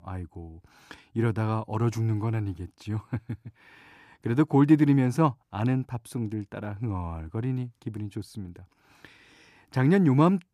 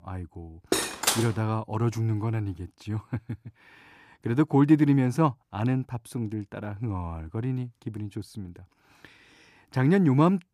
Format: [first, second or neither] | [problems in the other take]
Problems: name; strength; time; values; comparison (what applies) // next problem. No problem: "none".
first | clattering dishes; loud; at 0.5 s; peak 2 dB above the speech